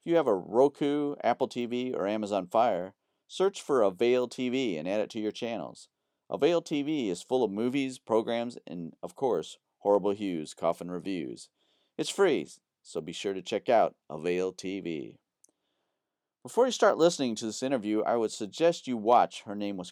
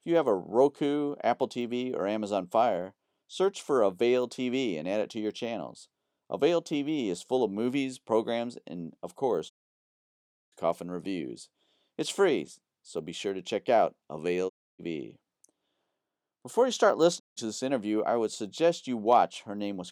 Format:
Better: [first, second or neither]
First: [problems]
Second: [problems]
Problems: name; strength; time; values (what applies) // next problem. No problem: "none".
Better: first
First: none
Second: audio cutting out; at 9.5 s for 1 s, at 15 s and at 17 s